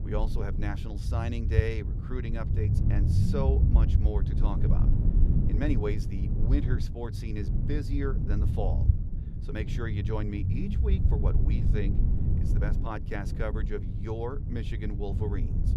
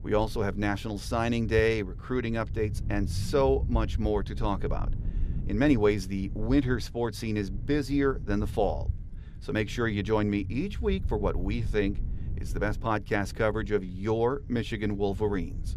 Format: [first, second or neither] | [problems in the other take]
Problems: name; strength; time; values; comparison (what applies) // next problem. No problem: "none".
second | low rumble; loud; throughout; 4 dB below the speech; faint in the second